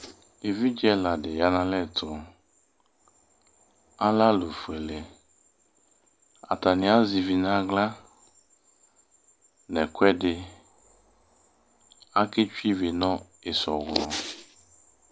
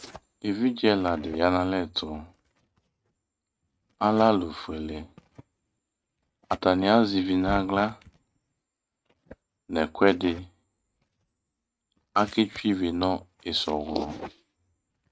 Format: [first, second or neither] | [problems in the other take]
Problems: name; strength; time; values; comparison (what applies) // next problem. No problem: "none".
first | noise reduction (neural mask model RNNoise)